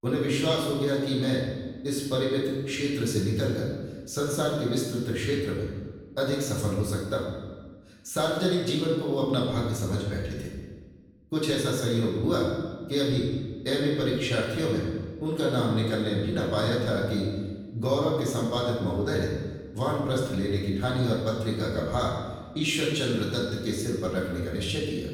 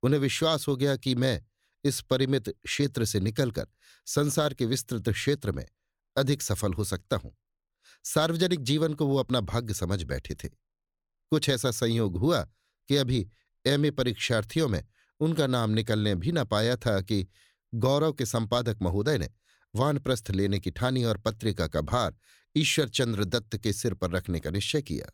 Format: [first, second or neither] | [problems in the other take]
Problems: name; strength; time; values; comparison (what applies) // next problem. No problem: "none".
second | off-mic speech; far // room echo; noticeable; dies away in 1.2 s